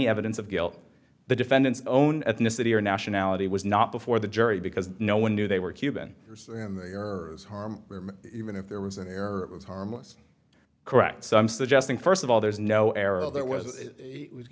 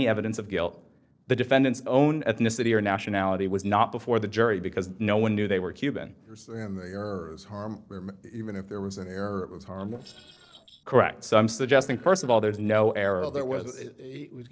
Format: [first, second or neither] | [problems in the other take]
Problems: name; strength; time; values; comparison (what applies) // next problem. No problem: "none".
first | noise reduction (neural separator model SepFormer DNS4)